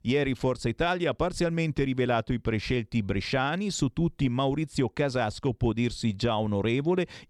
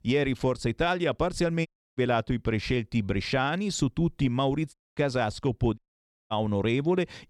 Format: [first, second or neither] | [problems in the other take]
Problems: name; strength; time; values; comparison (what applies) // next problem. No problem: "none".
first | audio cutting out; at 1.5 s, at 4.5 s and at 6 s for 0.5 s